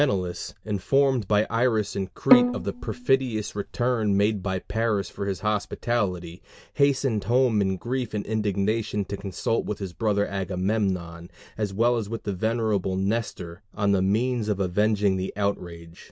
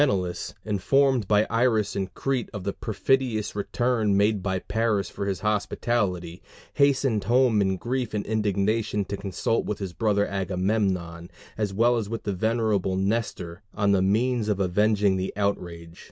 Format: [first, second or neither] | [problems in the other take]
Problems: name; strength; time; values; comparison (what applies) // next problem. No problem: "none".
second | background sound (Bowed string instrument); 1 dB above the speech